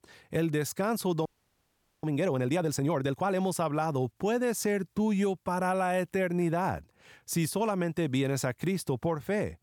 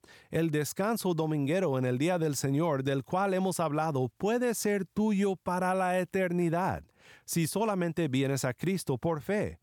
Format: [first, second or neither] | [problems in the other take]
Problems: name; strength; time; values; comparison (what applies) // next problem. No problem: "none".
second | audio freezing; at 1.5 s for 1 s